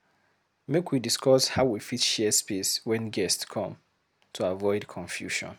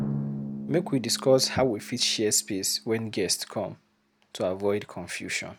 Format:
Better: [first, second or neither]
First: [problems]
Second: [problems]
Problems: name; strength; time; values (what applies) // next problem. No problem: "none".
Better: first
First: none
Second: background sound (Drum); 11 dB below the speech